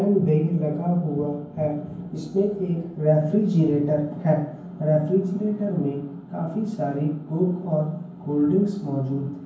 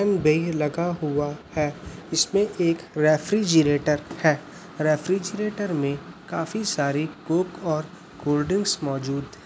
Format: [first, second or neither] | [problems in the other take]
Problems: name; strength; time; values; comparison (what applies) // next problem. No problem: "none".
second | room echo; dies away in 0.9 s